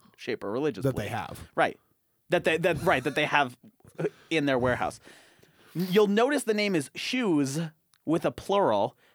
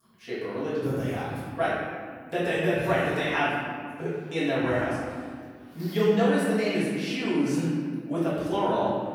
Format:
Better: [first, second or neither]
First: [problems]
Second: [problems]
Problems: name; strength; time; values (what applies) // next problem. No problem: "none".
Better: first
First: none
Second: off-mic speech; far // room echo; strong; dies away in 1.8 s